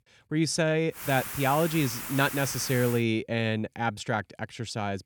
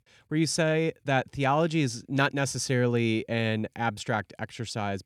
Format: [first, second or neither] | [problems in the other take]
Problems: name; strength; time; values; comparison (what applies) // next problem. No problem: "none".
second | hiss; loud; from 1 to 3 s; 7 dB below the speech